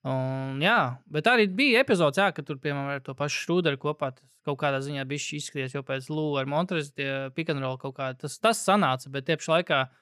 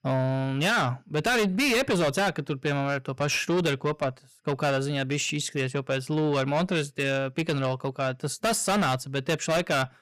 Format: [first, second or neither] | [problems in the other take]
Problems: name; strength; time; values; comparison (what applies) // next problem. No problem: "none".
first | distortion; heavy; 6 dB below the speech